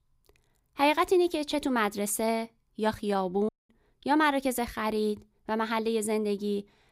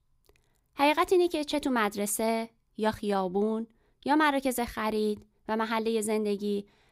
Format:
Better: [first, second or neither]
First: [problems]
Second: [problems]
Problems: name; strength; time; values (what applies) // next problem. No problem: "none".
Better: second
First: audio cutting out; at 3.5 s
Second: none